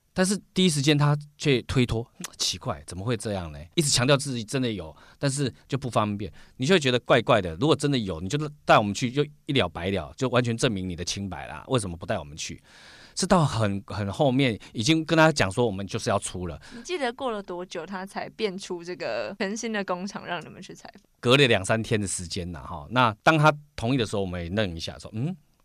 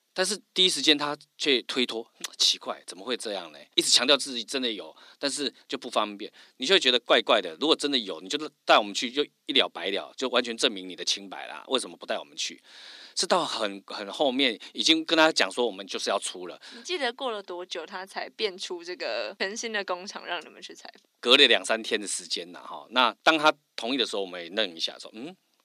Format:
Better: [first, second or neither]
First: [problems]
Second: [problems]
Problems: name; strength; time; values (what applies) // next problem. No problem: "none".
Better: first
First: none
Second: thin; somewhat; fading below 250 Hz